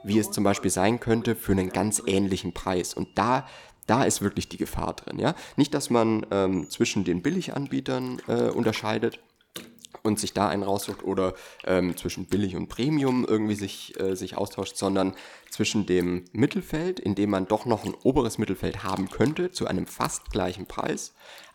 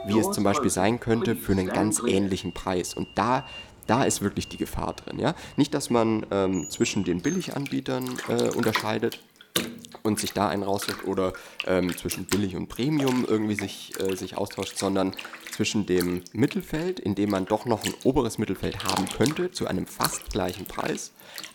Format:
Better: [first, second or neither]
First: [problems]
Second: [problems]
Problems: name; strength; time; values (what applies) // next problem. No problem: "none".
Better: first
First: household noises; faint; throughout; 20 dB below the speech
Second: household noises; loud; throughout; 8 dB below the speech